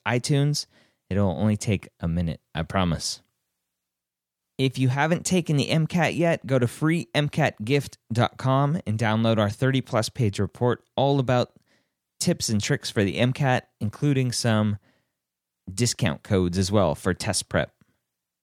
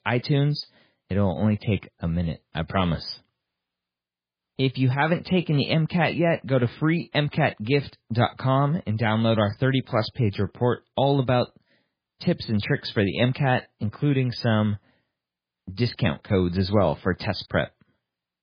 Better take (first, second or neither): first